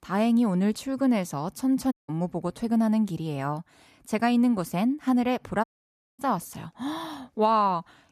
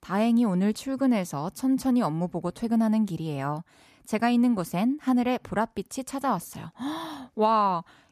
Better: second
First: audio cutting out; at 2 s and at 5.5 s for 0.5 s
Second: none

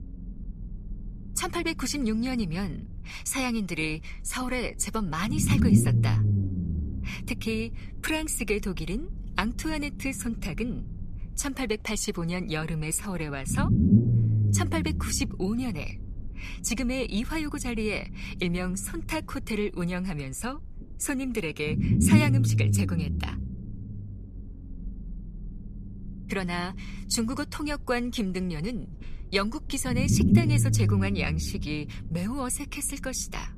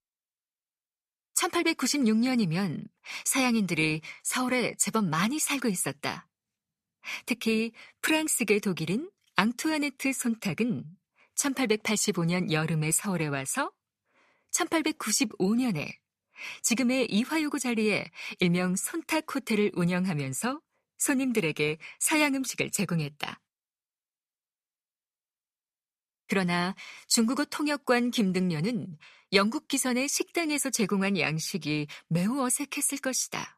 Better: second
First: low rumble; loud; throughout; 4 dB below the speech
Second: none

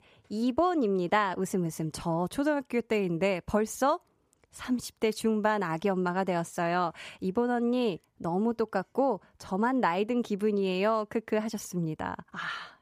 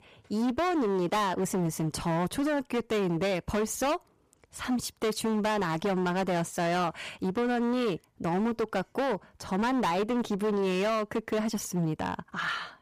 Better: first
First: none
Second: distortion; heavy; 21% of the sound clipped

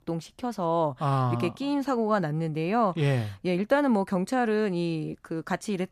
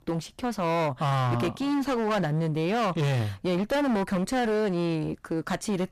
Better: first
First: none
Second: distortion; heavy; 28% of the sound clipped

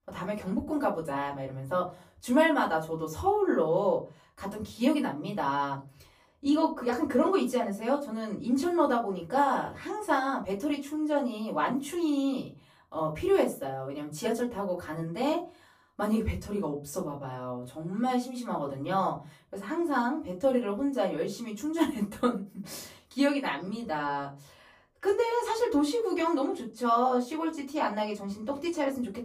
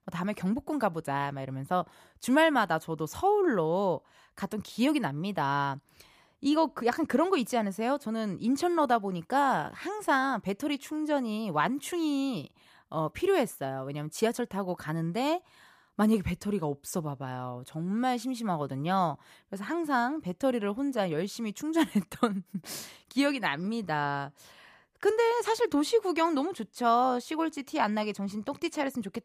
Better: second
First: off-mic speech; far // room echo; very slight; dies away in 0.3 s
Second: none

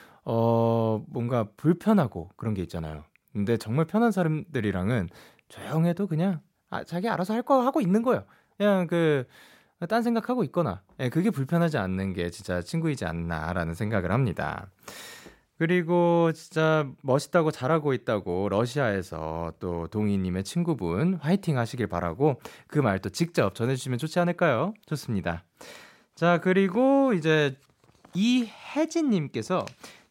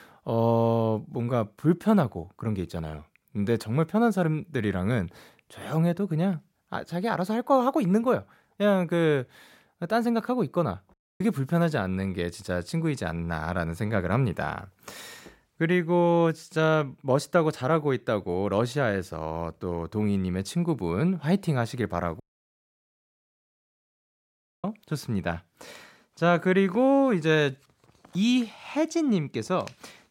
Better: first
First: none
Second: audio cutting out; at 11 s and at 22 s for 2.5 s

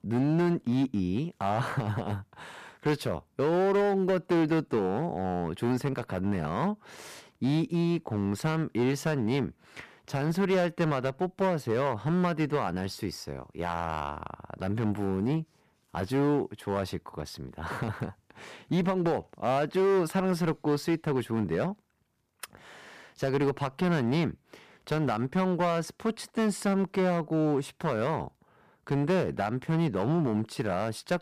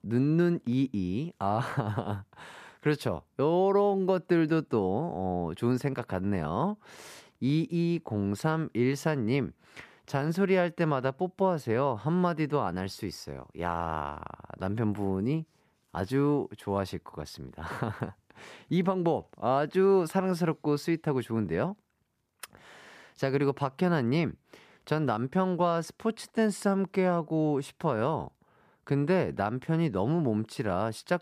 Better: second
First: distortion; slight; 7% of the sound clipped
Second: none

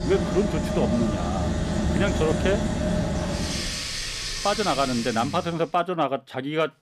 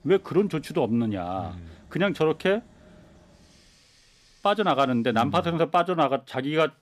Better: second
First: household noises; loud; until 5 s; 1 dB below the speech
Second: household noises; faint; until 5 s; 30 dB below the speech

